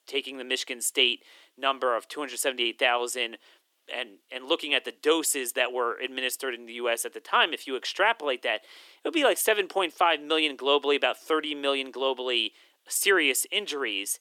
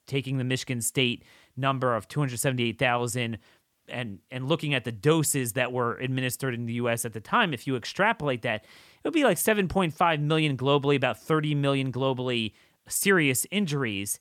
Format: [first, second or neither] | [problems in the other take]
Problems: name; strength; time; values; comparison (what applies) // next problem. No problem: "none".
second | thin; somewhat; fading below 300 Hz